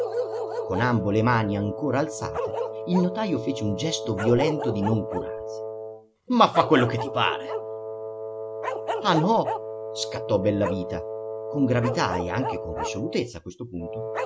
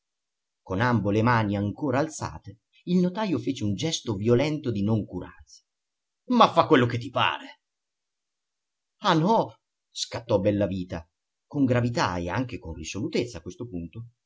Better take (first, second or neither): second